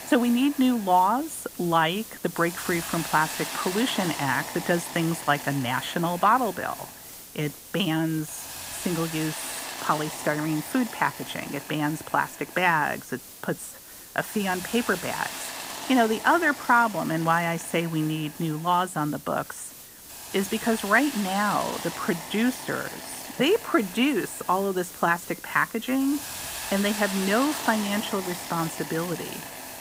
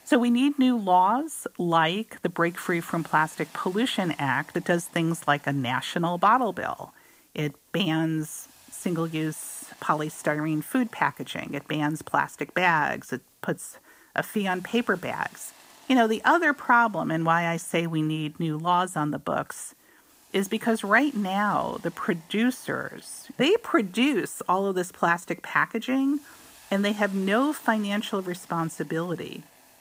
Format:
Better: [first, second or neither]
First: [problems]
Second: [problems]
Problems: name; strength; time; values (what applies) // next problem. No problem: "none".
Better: second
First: hiss; loud; throughout; 10 dB below the speech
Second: hiss; faint; throughout; 25 dB below the speech